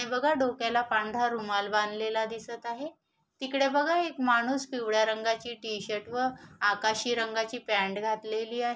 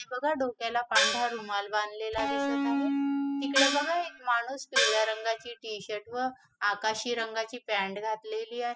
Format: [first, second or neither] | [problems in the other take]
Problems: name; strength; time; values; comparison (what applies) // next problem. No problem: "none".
first | noise reduction (classical method spectral subtraction)